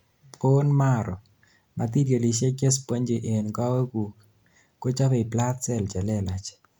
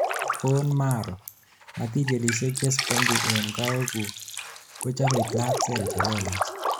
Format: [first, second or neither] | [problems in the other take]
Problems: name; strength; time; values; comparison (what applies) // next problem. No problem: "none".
first | background sound (Drip); 2 dB below the speech